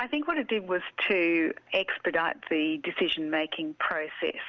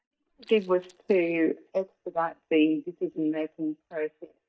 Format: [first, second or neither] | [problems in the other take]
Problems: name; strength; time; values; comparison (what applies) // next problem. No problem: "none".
first | noise reduction (neural mask model DeepFilterNet 3)